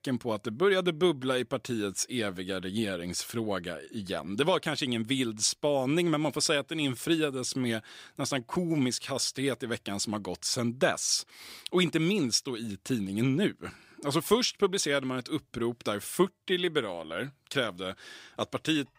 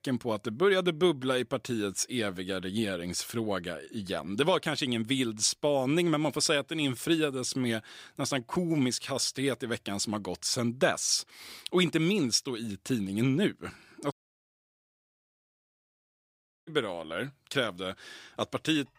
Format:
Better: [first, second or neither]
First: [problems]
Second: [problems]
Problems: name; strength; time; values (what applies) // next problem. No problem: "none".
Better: first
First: none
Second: audio cutting out; at 14 s for 2.5 s